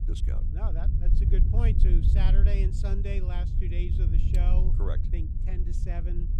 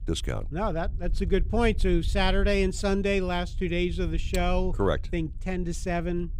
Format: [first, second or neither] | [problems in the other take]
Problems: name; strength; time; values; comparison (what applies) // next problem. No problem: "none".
second | low rumble; loud; throughout; 2 dB below the speech; faint in the second